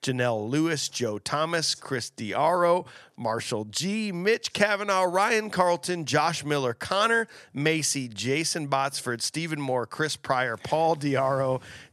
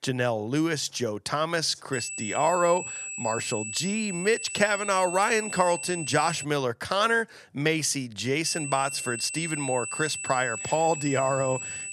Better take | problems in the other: first | high-pitched whine; loud; from 2 to 6.5 s and from 8.5 s on; 8 kHz, 6 dB below the speech

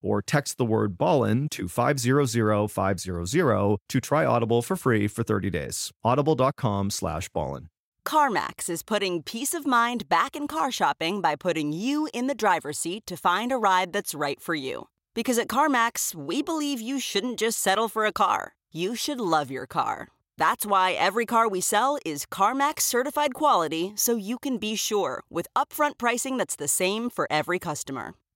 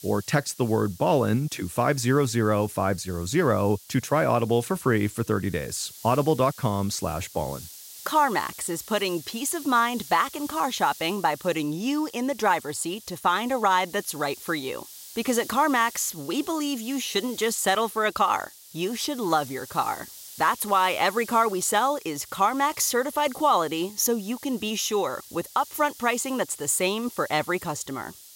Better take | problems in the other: first | hiss; noticeable; throughout; 15 dB below the speech

